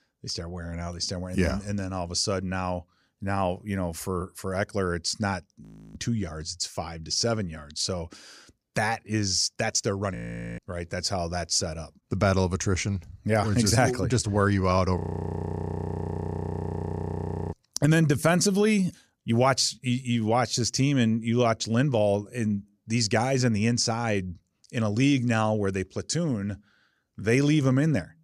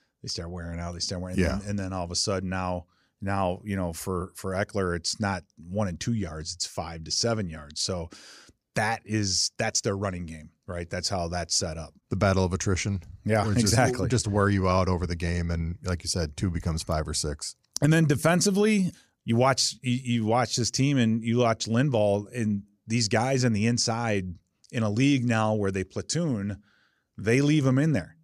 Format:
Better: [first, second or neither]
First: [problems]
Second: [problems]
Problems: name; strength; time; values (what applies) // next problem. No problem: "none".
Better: second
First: audio freezing; at 5.5 s, at 10 s and at 15 s for 2.5 s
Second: none